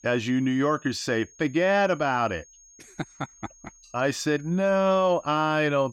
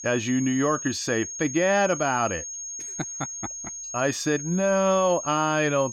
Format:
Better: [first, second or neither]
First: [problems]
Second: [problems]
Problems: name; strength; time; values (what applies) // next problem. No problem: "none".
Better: first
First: high-pitched whine; faint; throughout; 6.5 kHz, 25 dB below the speech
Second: high-pitched whine; loud; throughout; 6.5 kHz, 9 dB below the speech